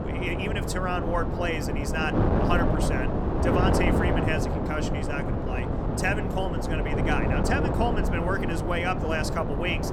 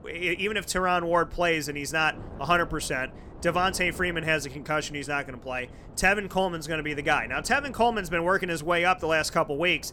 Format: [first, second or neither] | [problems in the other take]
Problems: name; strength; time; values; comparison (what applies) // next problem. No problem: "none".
second | wind noise on the microphone; heavy; 1 dB below the speech; occasional gusts in the second